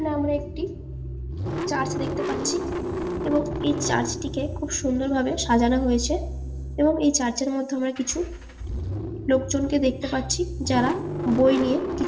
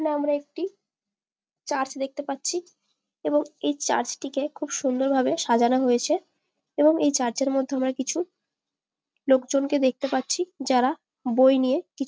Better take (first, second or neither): second